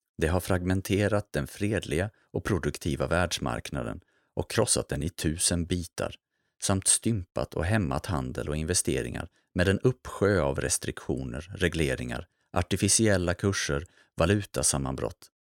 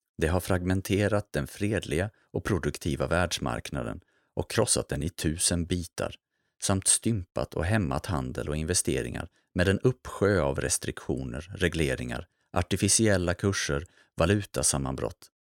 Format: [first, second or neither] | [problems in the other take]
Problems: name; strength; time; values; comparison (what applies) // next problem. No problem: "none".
neither | none